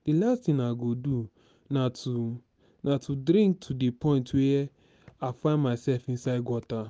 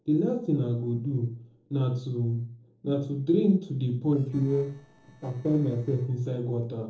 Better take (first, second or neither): first